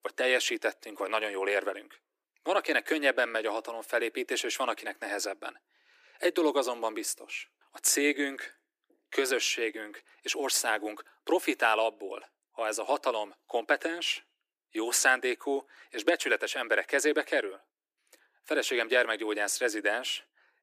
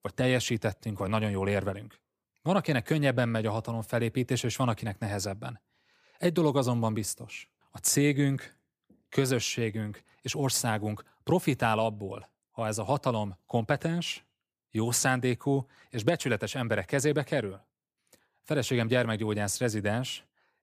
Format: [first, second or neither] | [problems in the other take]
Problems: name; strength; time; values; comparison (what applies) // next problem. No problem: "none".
second | thin; very; fading below 300 Hz